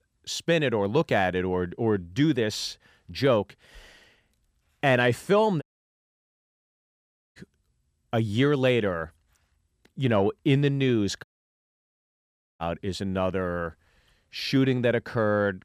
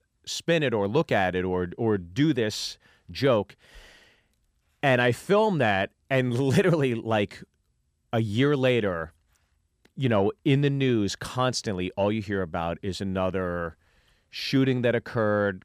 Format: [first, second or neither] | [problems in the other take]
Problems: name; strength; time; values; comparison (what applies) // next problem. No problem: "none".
second | audio cutting out; at 5.5 s for 1.5 s and at 11 s for 1.5 s